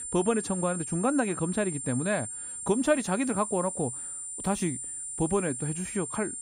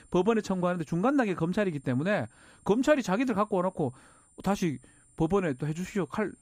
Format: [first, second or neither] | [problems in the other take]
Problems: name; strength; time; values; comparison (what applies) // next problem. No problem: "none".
second | high-pitched whine; loud; throughout; 9 kHz, 5 dB below the speech; faint in the second